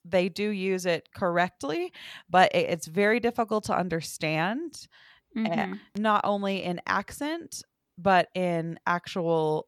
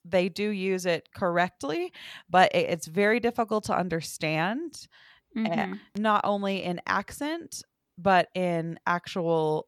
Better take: neither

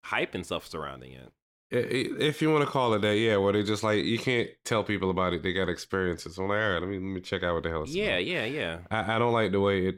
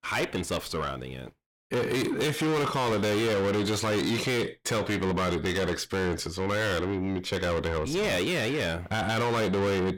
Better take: first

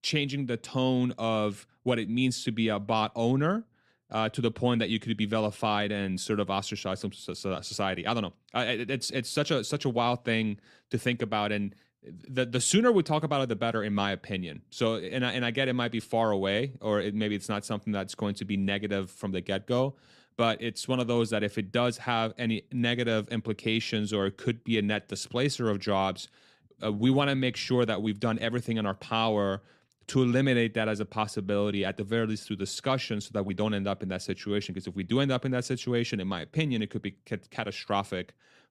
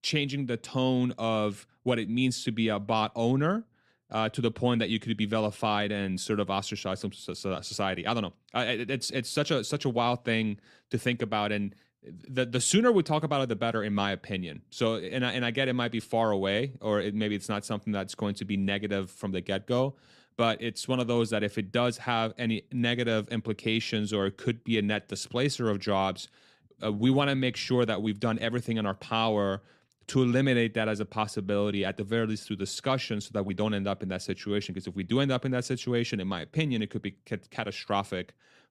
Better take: neither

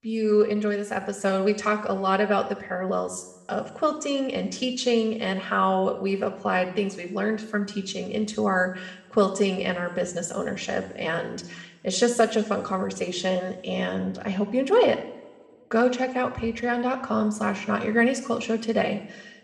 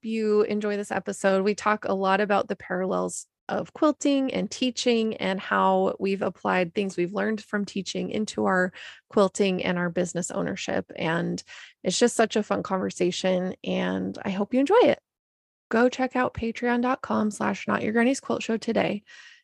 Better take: second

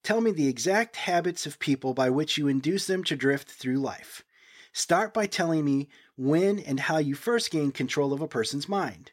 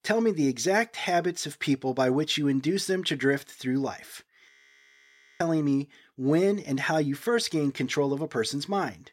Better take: first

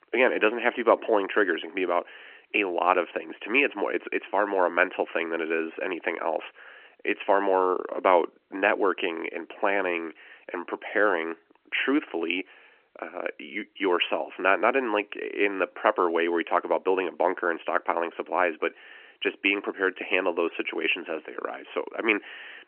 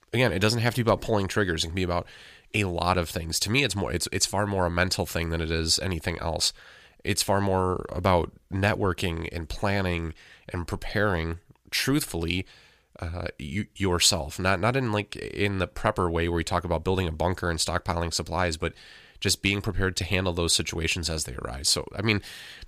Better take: second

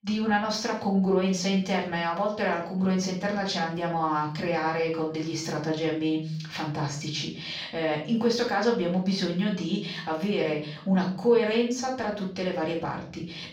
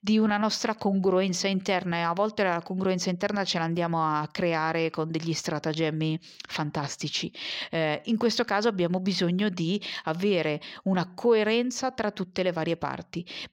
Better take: second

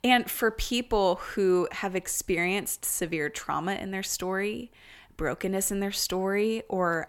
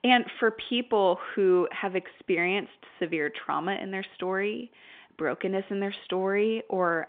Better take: first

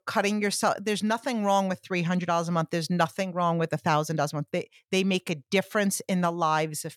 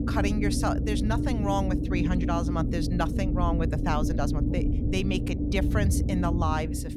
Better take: first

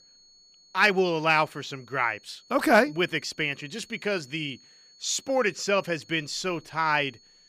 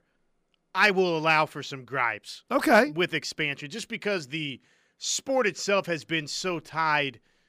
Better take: second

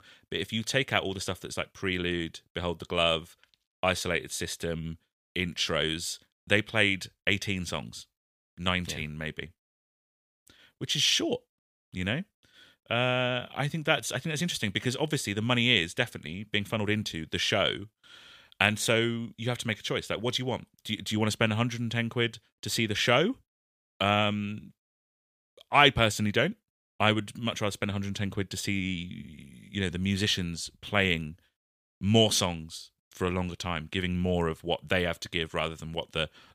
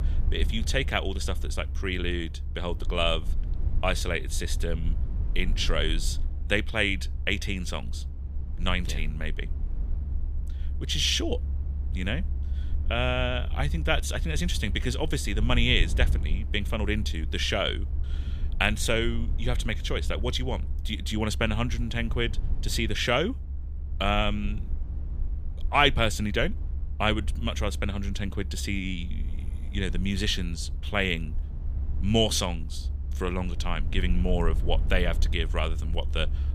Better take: first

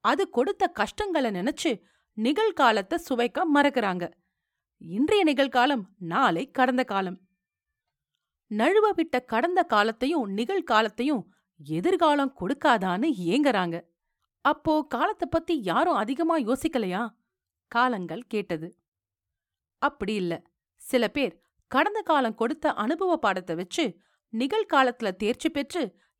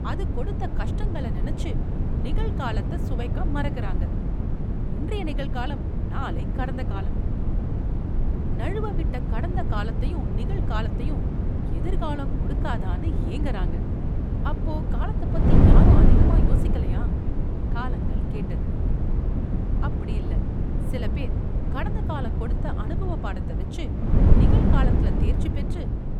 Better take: first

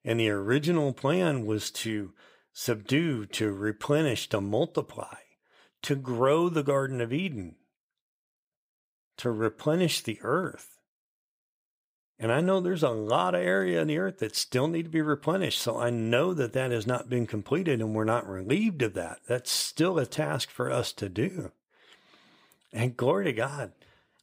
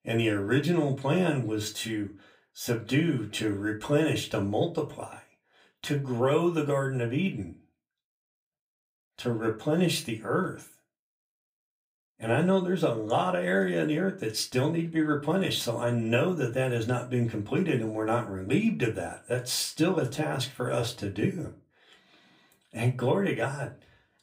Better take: first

